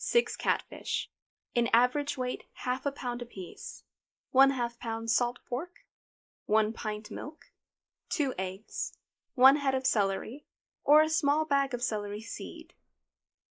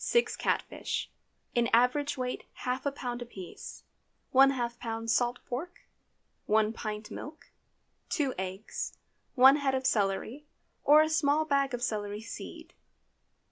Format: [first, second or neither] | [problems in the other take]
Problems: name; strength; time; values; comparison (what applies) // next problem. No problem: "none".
second | noise reduction (neural mask model Resemble Enhance denoiser)